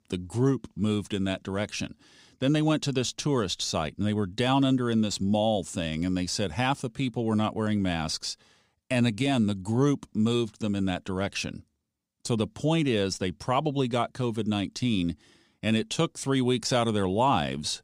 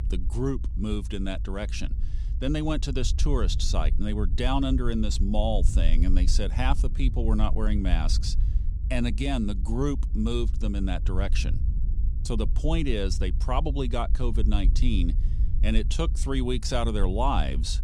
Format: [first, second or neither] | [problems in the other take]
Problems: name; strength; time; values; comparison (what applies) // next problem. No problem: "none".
first | low rumble; noticeable; throughout; 15 dB below the speech